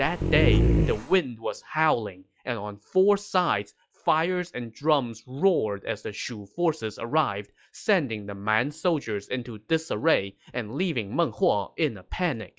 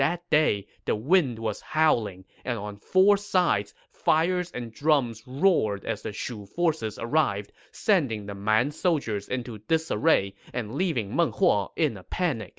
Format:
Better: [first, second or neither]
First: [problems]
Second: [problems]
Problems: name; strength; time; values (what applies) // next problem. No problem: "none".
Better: second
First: noise reduction (classical method log-MMSE)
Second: none